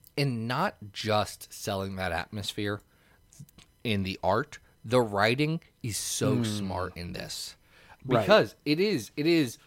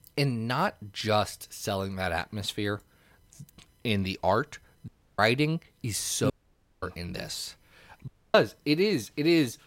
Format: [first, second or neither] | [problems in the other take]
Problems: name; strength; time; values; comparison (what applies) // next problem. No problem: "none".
first | audio cutting out; at 5 s, at 6.5 s for 0.5 s and at 8 s